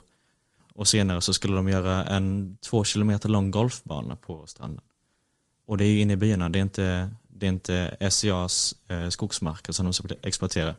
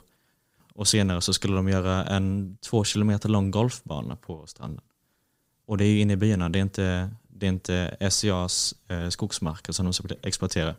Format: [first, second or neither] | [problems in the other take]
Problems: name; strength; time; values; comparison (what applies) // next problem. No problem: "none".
second | garbled, watery; slightly; nothing above 10 kHz